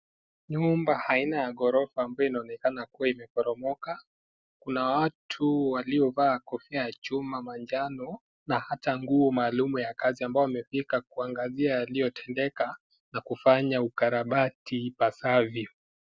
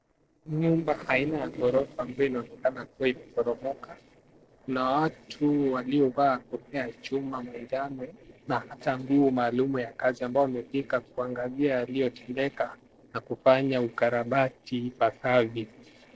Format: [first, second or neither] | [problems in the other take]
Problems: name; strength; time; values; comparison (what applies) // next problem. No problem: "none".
first | noise reduction (neural separator model SepFormer DNS4)